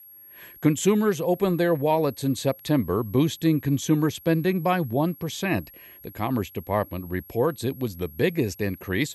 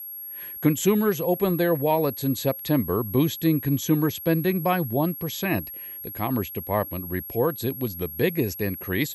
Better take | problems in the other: first | high-pitched whine; loud; throughout; 11.5 kHz, 9 dB below the speech; faint in the first

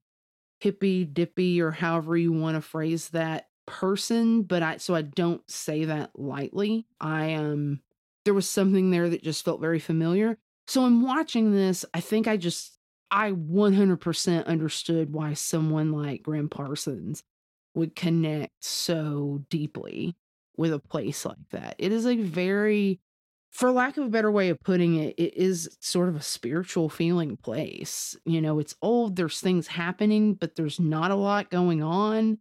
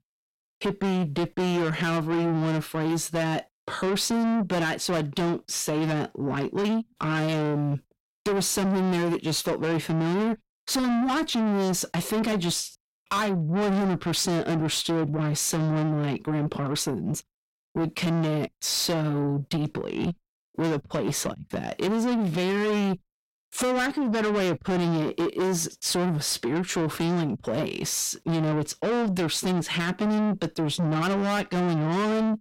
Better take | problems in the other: first | distortion; heavy; 6 dB below the speech

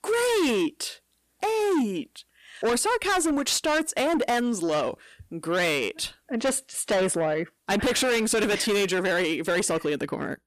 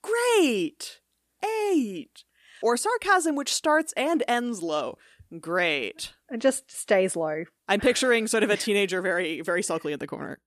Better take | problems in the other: second | distortion; heavy; 7 dB below the speech

